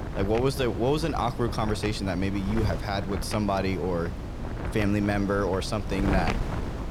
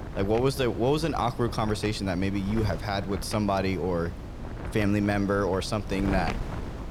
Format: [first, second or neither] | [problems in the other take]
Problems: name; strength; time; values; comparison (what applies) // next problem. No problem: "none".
second | wind noise on the microphone; heavy; 8 dB below the speech; occasional gusts in the second